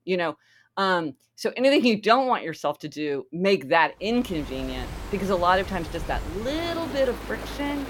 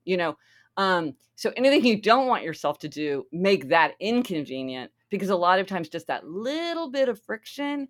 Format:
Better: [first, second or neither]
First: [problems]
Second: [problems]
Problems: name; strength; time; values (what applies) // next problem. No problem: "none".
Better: second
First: rain or running water; noticeable; from 4.5 s on; 10 dB below the speech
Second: none